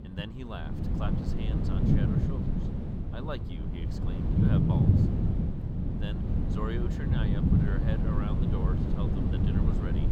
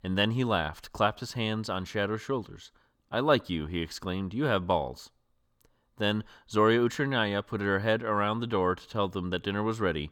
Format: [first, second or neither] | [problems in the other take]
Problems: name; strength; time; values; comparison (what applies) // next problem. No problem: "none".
second | wind noise on the microphone; heavy; 4 dB above the speech